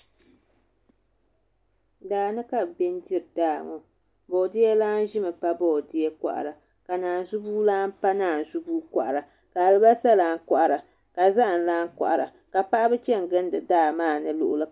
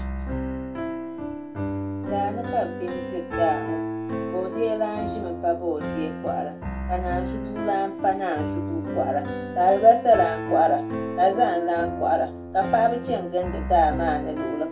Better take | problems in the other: first | background sound (Piano); 5 dB below the speech // room echo; dies away in 0.2 s

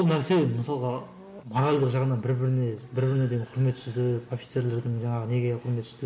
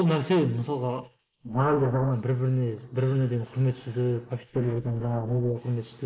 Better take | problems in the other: first | noise reduction (neural mask model Resemble Enhance denoiser)

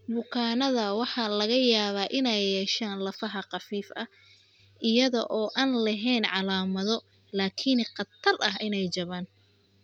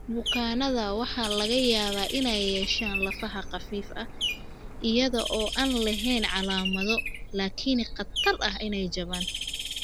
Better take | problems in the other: first | background sound (Bird + Printer); 5 dB below the speech

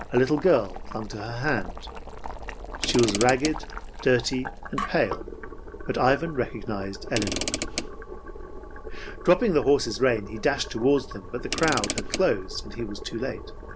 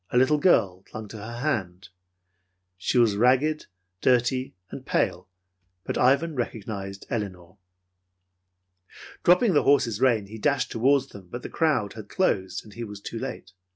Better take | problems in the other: second | background sound (Mechanisms / Car + Boiling); 7 dB below the speech

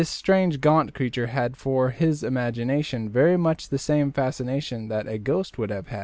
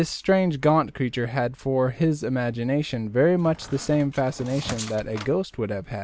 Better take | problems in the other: first | background sound (Squeak); 15 dB below the speech

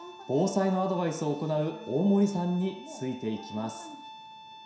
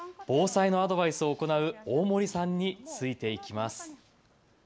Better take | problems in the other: second | background sound (Bowed string instrument); 18 dB below the speech // room echo; dies away in 0.7 s

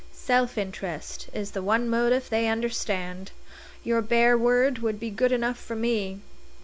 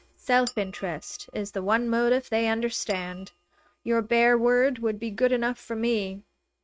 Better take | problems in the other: first | noise reduction (neural mask model RNNoise)

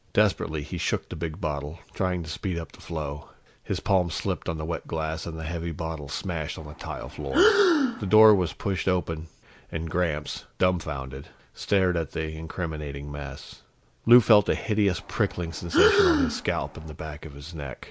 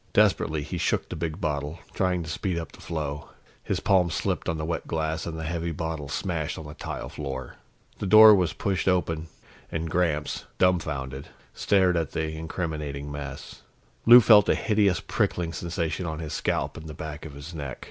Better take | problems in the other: second | background sound (Breathing); 1 dB above the speech

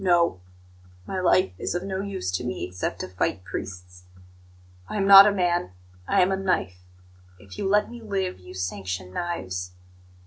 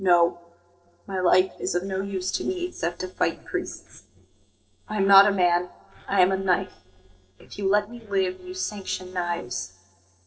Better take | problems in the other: first | noise reduction (neural separator model SepFormer DNS4)

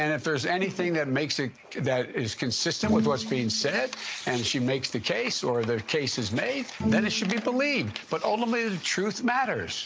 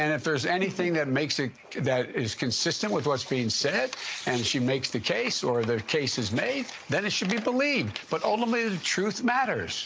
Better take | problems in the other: second | background sound (Bowed string instrument); 6 dB below the speech

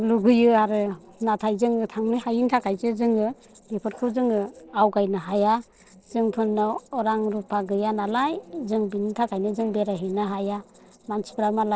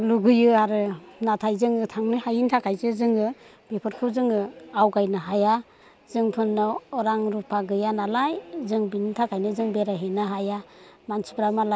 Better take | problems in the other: second | noise reduction (neural separator model SepFormer DNS4)

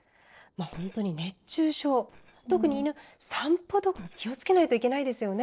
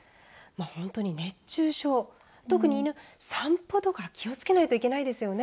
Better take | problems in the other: second | noise reduction (neural separator model SepFormer DNS4)

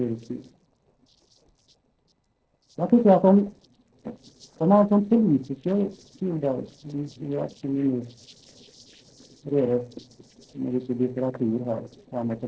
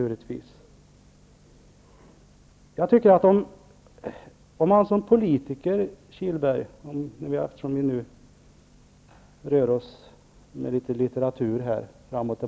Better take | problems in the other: second | noise reduction (neural separator model SepFormer DNS4)

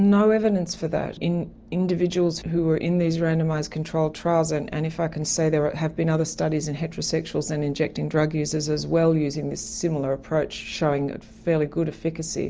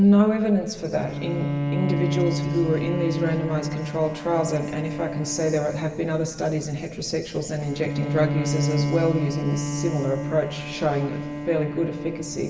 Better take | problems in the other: first | background sound (Bowed string instrument); 4 dB below the speech // room echo; dies away in 2 s

